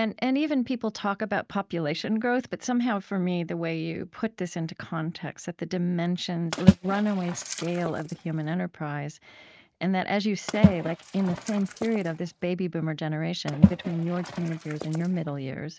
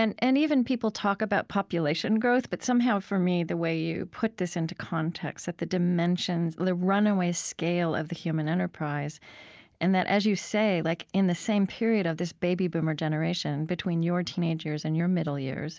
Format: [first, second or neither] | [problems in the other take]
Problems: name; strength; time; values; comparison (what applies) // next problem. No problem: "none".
second | noise reduction (neural mask model RNNoise)